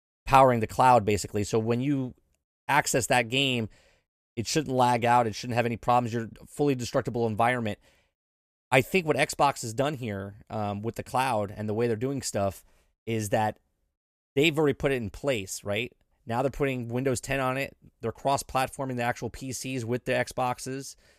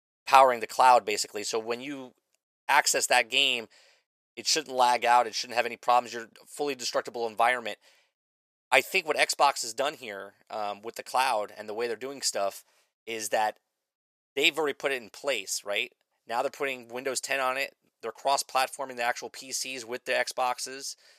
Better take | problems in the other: first | thin; very; fading below 600 Hz

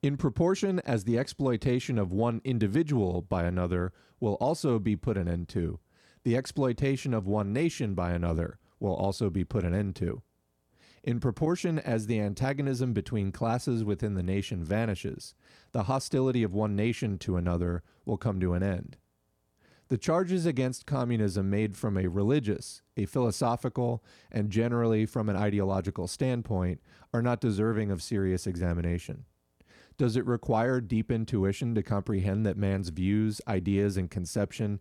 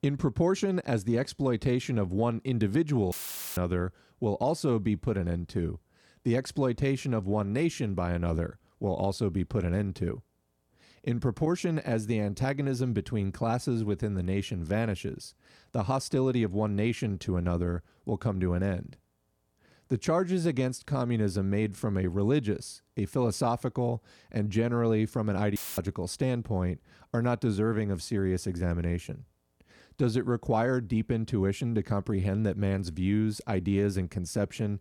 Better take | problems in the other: first | audio cutting out; filled with static; at 3 s and at 26 s

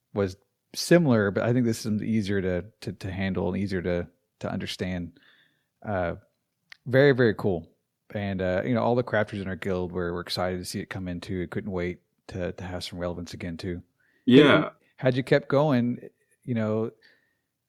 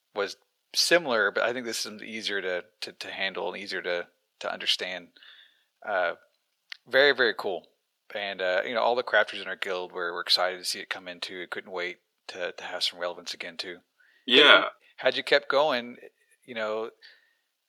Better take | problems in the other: first | thin; very; fading below 650 Hz

